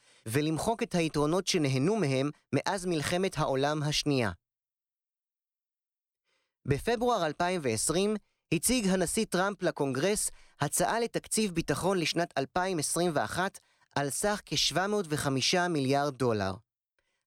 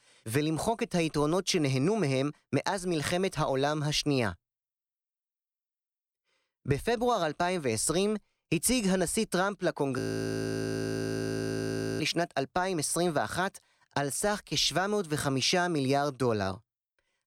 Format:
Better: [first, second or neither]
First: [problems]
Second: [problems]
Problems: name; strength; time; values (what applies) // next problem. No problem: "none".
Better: first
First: none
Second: audio freezing; at 10 s for 2 s